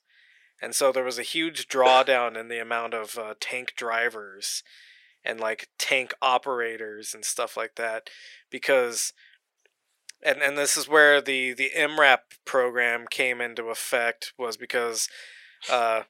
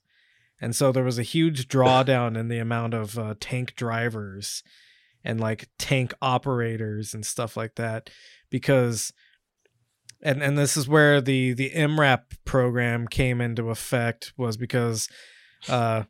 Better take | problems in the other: second | thin; very; fading below 450 Hz

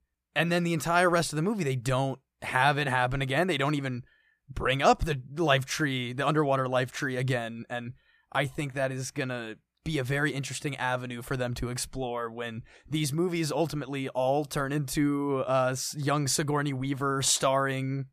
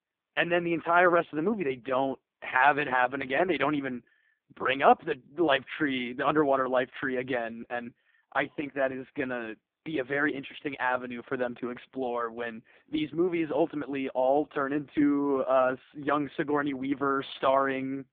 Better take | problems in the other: first | phone-call audio; poor line

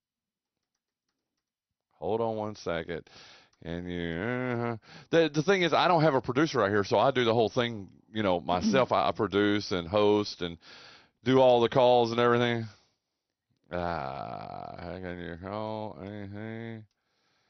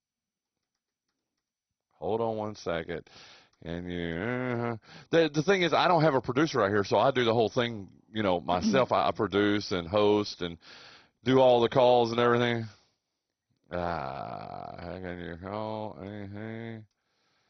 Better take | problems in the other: first | garbled, watery; badly; nothing above 6 kHz; slightly in the first

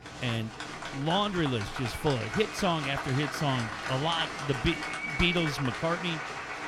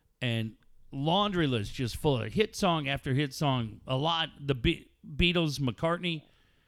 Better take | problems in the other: second | crowd noise; loud; throughout; 5 dB below the speech

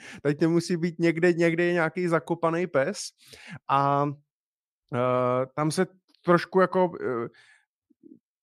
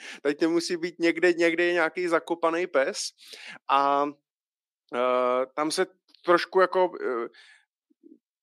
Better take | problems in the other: first | thin; somewhat; fading below 300 Hz

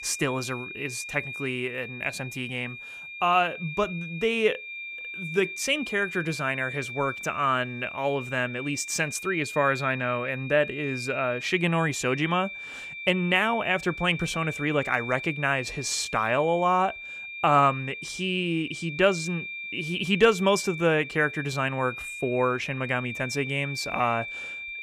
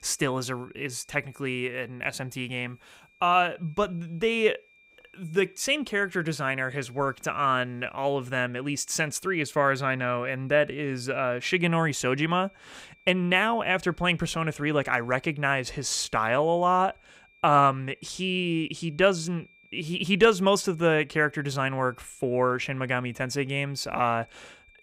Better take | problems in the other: second | high-pitched whine; loud; throughout; 2.5 kHz, 9 dB below the speech; faint in the second

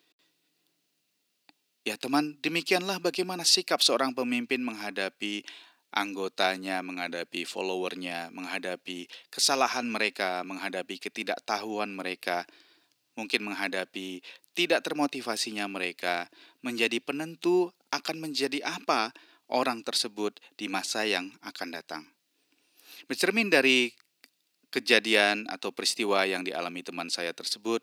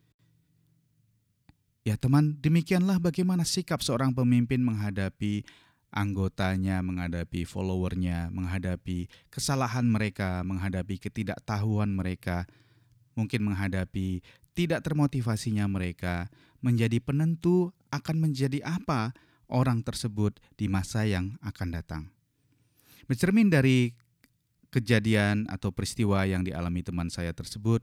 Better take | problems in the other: second | thin; very; fading below 300 Hz

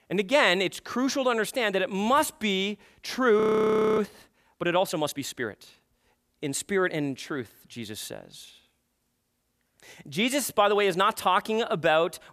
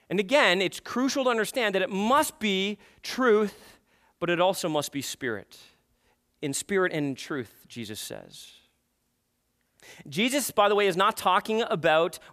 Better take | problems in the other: second | audio freezing; at 3.5 s for 0.5 s

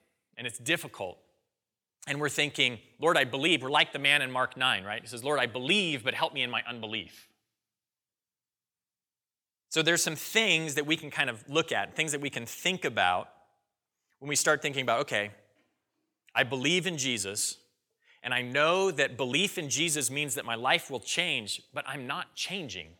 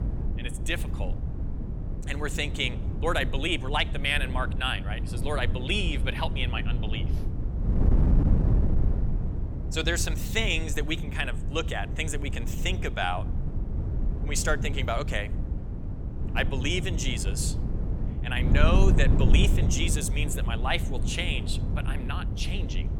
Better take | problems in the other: first | wind noise on the microphone; occasional gusts; 10 dB below the speech

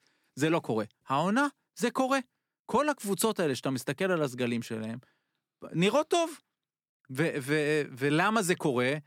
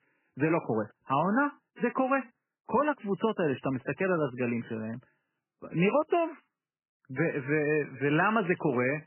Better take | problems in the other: first | garbled, watery; badly; nothing above 3 kHz

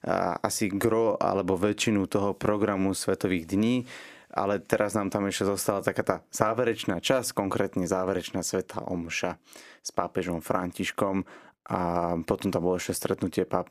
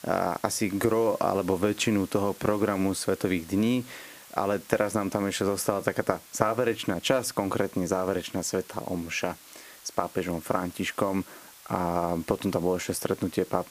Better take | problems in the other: first | hiss; noticeable; throughout; 20 dB below the speech

